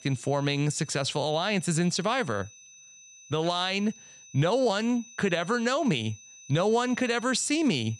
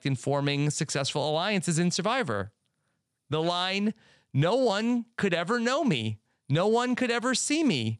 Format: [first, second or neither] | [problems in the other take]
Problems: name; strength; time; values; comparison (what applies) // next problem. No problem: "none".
second | high-pitched whine; faint; throughout; 6 kHz, 20 dB below the speech